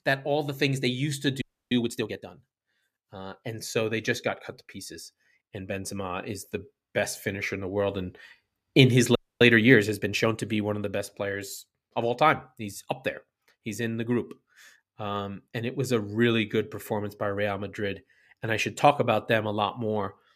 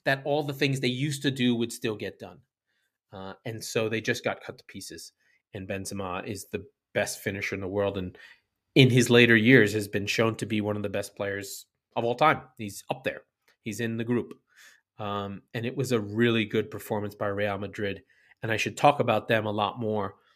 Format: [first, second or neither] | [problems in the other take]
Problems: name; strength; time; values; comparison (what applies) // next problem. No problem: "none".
second | audio freezing; at 1.5 s and at 9 s